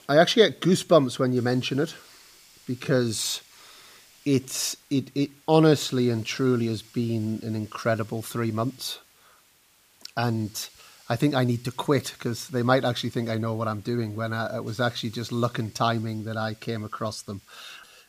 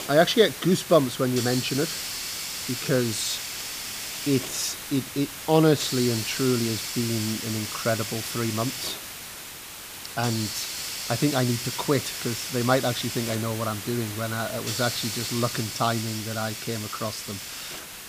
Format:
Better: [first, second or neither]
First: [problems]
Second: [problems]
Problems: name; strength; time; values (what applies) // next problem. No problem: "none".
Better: first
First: hiss; faint; throughout; 25 dB below the speech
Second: hiss; loud; throughout; 5 dB below the speech